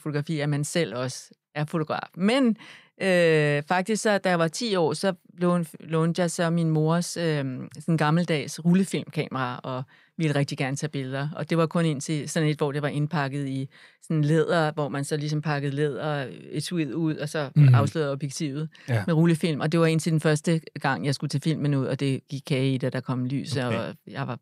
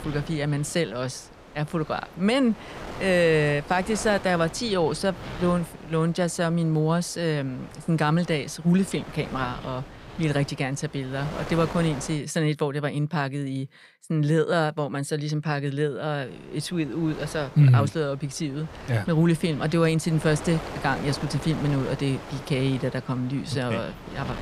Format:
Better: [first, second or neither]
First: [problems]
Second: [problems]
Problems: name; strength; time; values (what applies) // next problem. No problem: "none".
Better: first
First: none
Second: wind noise on the microphone; occasional gusts; until 12 s and from 16 s on; 10 dB below the speech